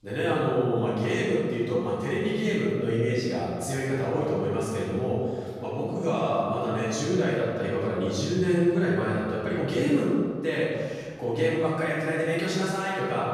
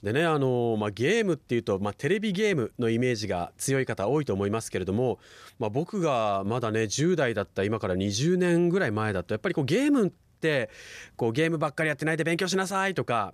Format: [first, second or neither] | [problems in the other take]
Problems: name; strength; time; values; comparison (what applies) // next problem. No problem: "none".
second | room echo; strong; dies away in 1.7 s // off-mic speech; far